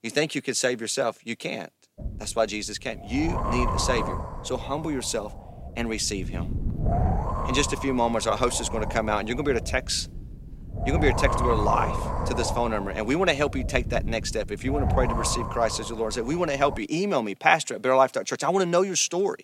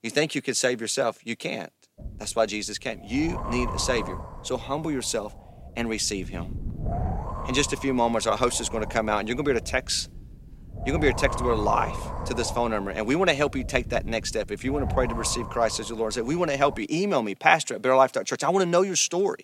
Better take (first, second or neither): second